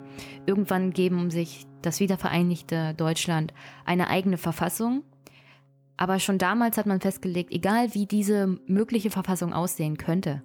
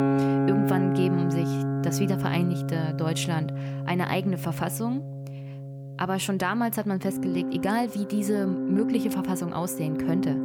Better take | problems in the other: first | background music; loud; throughout; 1 dB below the speech; faint in the first

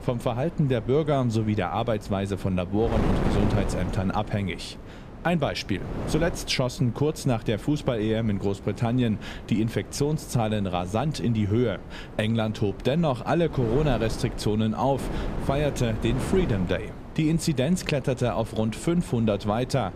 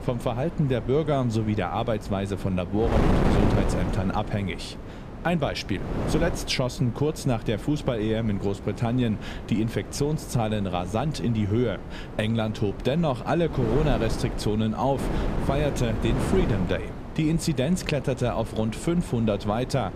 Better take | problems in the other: first | wind noise on the microphone; heavy; 7 dB below the speech; occasional gusts in the first

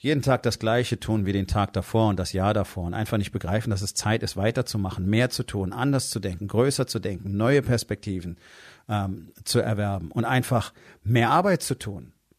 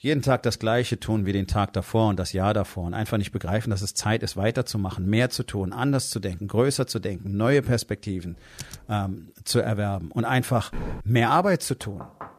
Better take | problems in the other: first | keyboard typing; faint; at 8.5 s; peak 15 dB below the speech // footsteps; faint; at 11 s; peak 10 dB below the speech // door banging; faint; at 12 s; peak 15 dB below the speech

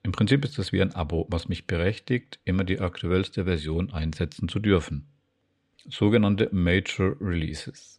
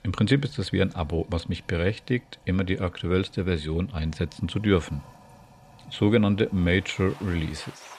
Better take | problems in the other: first | household noises; faint; throughout; 25 dB below the speech

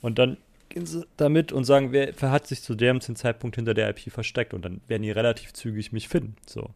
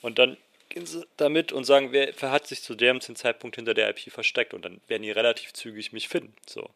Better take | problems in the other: first | thin; somewhat; fading below 400 Hz

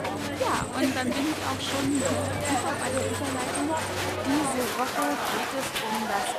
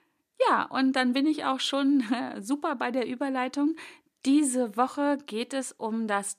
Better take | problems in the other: second | crowd noise; very loud; throughout; 3 dB above the speech

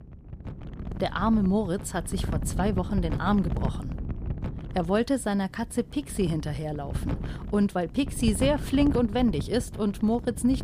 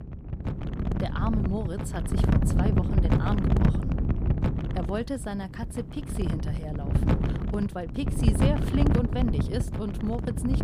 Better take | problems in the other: first | wind noise on the microphone; heavy; as loud as the speech; occasional gusts in the first

